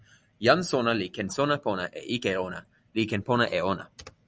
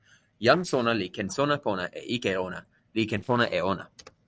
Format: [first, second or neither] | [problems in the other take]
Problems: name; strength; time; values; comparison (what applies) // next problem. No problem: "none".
first | noise reduction (neural separator model SepFormer DNS4)